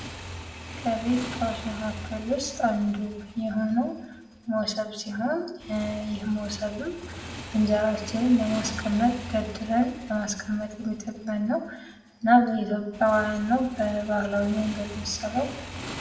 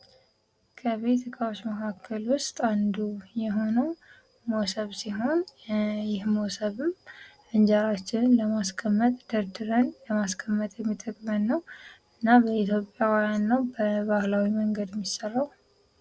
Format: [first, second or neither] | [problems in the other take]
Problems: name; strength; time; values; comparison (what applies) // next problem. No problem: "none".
second | background sound (Motorcycle / Engine); 13 dB below the speech // room echo; dies away in 0.7 s